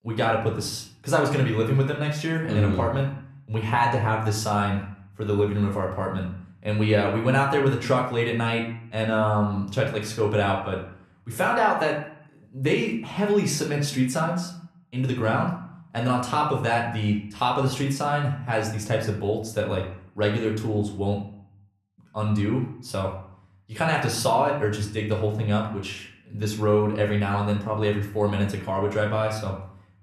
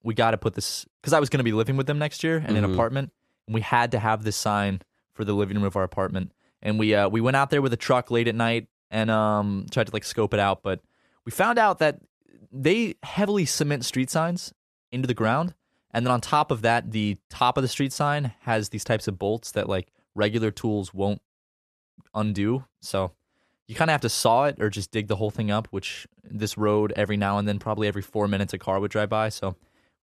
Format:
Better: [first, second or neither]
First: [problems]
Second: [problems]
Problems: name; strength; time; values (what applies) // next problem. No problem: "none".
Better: second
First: room echo; slight; dies away in 0.5 s // off-mic speech; somewhat distant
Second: none